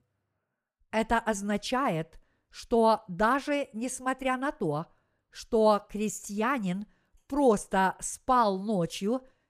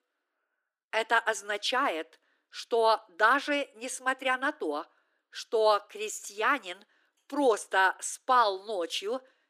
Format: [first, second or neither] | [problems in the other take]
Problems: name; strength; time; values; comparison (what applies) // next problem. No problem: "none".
first | thin; somewhat; fading below 300 Hz